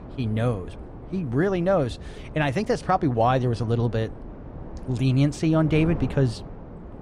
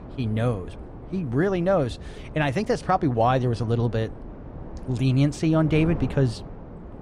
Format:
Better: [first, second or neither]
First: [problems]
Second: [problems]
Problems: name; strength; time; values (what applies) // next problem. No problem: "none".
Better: neither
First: wind noise on the microphone; occasional gusts; 15 dB below the speech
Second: wind noise on the microphone; occasional gusts; 15 dB below the speech